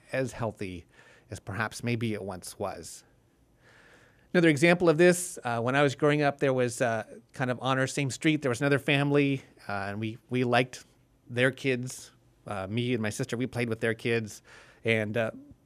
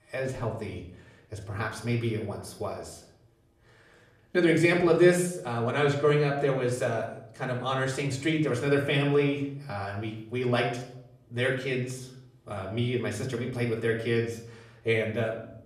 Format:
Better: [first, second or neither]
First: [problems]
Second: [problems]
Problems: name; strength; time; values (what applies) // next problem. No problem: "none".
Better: first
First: none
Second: off-mic speech; far // room echo; slight; dies away in 0.6 s